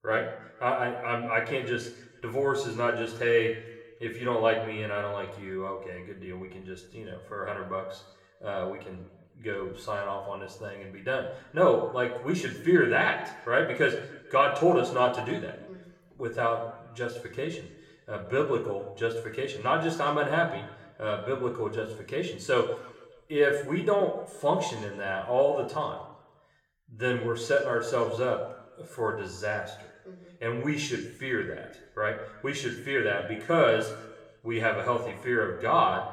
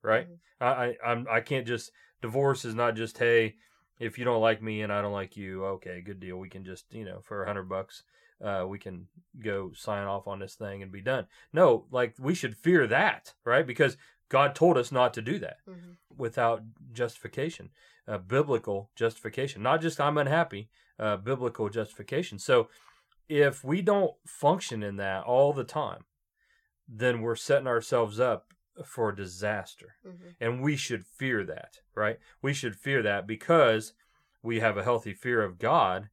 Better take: second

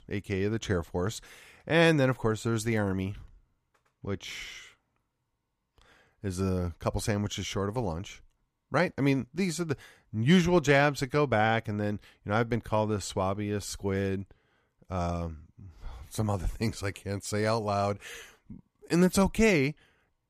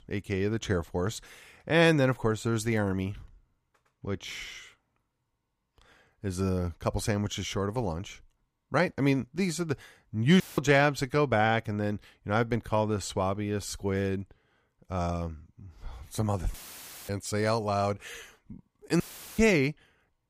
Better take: first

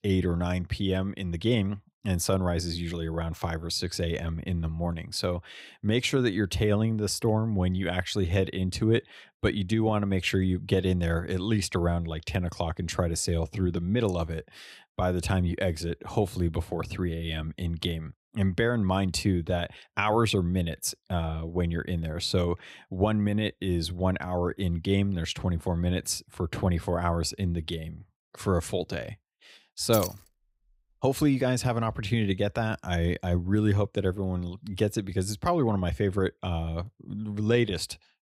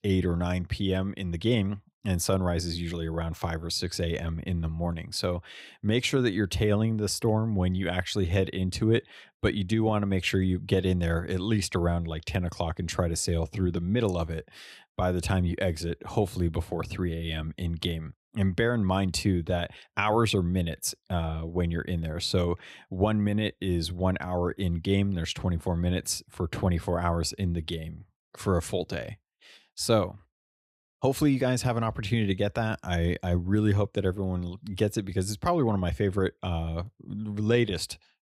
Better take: second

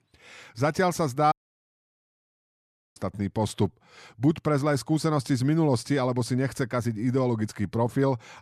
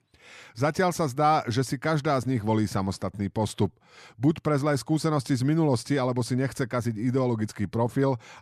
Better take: second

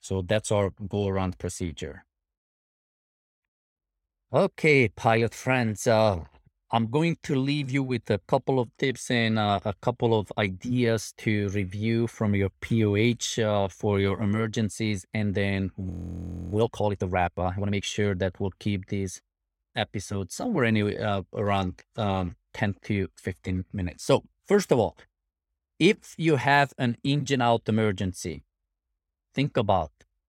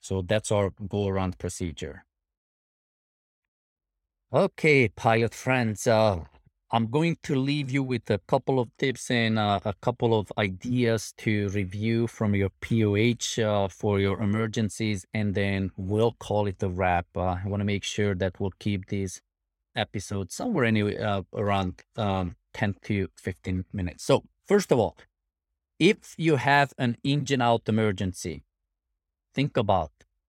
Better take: second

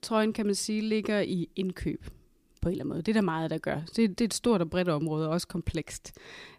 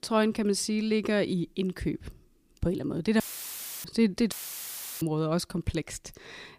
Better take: first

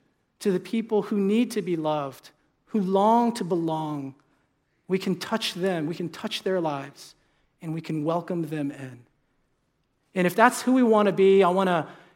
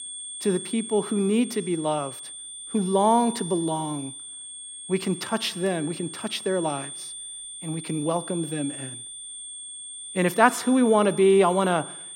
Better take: first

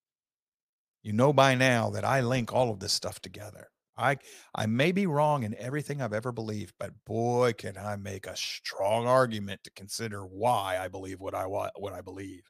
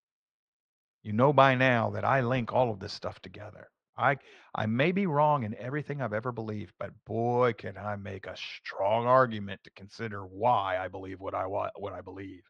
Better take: first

